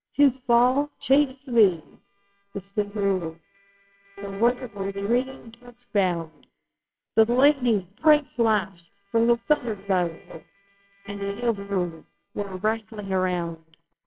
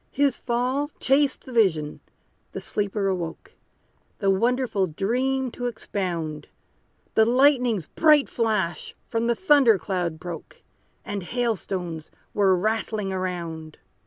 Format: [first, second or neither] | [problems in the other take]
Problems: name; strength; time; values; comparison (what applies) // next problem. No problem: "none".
second | noise reduction (neural separator model SepFormer WHAMR!)